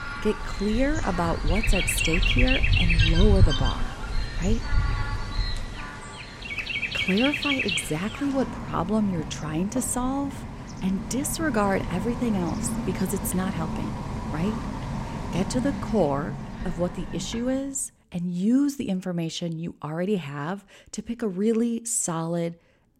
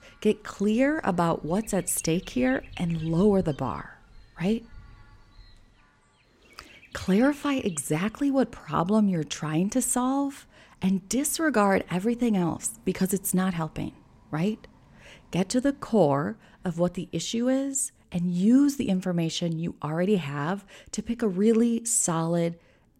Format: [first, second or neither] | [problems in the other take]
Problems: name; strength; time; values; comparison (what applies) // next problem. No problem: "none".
second | animal sounds; loud; until 17 s; 1 dB below the speech; faint in the second